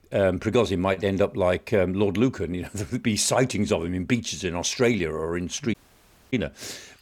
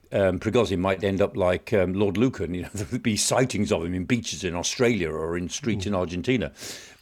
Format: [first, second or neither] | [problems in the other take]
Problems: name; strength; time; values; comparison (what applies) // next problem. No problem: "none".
second | audio cutting out; at 5.5 s for 0.5 s